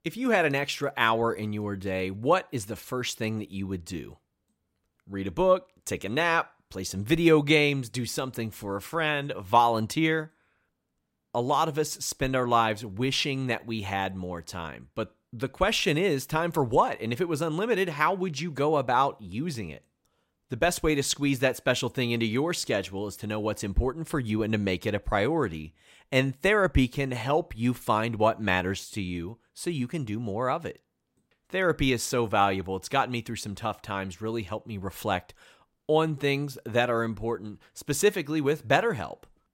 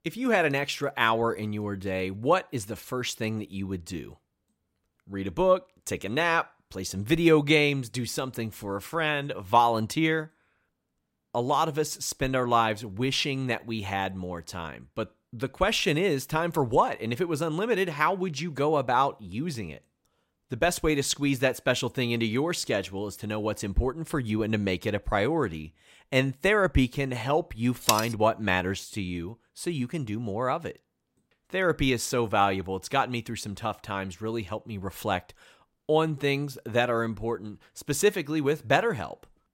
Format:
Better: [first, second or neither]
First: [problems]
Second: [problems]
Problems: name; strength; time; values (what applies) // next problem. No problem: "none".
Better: first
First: none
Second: clattering dishes; loud; at 28 s; peak 1 dB above the speech